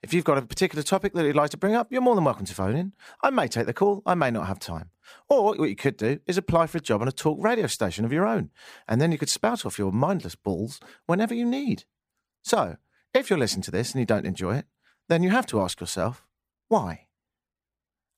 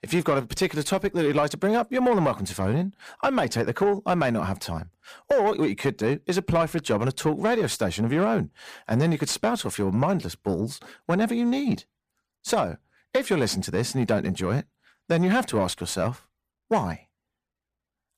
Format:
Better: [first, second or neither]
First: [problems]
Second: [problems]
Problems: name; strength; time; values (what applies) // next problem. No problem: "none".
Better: first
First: none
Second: distortion; slight; 10 dB below the speech